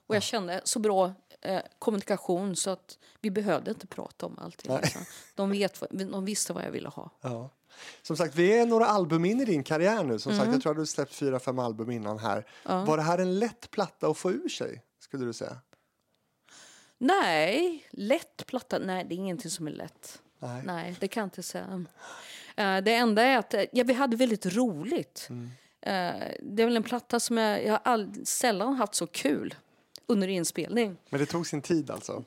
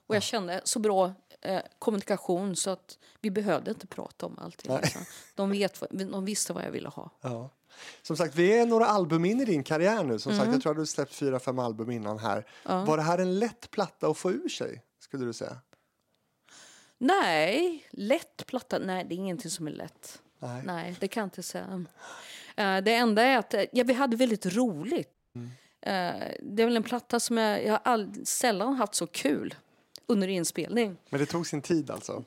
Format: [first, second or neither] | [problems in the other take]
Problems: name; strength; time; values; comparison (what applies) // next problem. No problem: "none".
first | audio cutting out; at 25 s